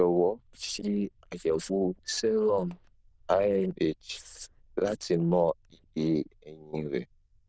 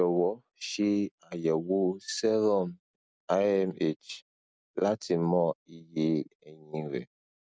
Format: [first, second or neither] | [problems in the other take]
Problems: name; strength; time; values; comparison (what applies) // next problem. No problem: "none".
second | noise reduction (neural diffusion model UNIVERSE++)